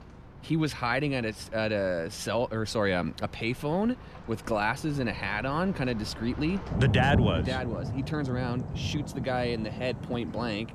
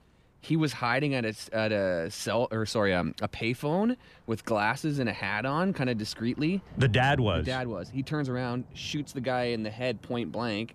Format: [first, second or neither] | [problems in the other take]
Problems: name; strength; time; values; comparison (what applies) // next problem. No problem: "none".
second | rain or running water; loud; throughout; 5 dB below the speech; faint in the second